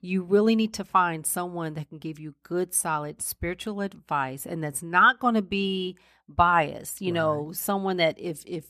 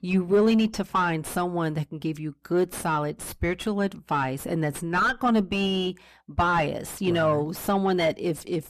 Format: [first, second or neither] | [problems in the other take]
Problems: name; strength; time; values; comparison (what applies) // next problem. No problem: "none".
first | distortion; heavy; 5 dB below the speech